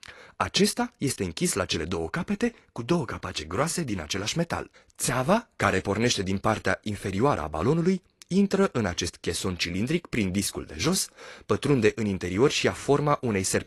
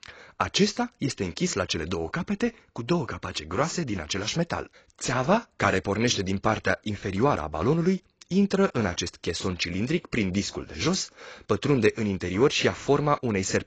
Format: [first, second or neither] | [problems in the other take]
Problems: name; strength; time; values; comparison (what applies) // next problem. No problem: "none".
first | garbled, watery; badly; nothing above 7.5 kHz; slightly in the first